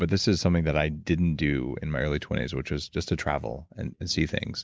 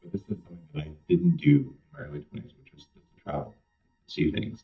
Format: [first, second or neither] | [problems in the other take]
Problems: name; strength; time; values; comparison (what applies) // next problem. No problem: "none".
first | noise reduction (neural mask model DeepFilterNet 3)